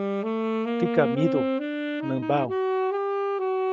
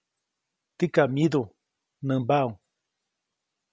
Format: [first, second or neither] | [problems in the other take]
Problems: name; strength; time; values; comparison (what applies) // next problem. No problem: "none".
second | noise reduction (neural mask model RNNoise)